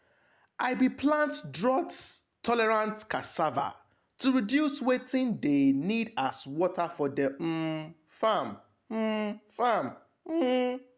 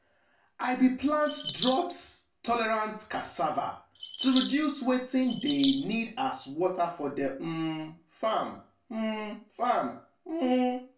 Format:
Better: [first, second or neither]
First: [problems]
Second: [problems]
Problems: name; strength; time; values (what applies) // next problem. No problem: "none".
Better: first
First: none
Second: background sound (Bird vocalization, bird call, bird song); 7 dB below the speech // room echo; dies away in 0.2 s